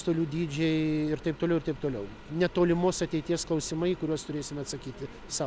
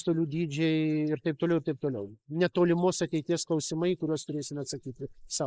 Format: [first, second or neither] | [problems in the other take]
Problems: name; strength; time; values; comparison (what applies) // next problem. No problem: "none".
first | noise reduction (neural mask model Resemble Enhance denoiser)